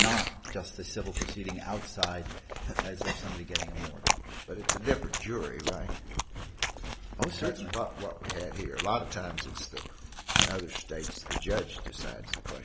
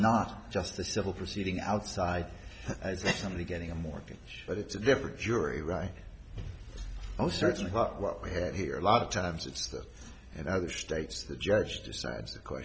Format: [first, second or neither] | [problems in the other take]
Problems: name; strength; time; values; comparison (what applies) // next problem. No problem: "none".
second | background sound (Chewing, mastication); 2 dB above the speech